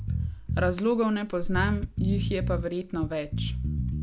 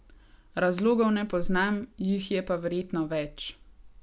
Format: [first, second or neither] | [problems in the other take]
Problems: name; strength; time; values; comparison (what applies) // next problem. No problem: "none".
second | background sound (Bass guitar); 1 dB below the speech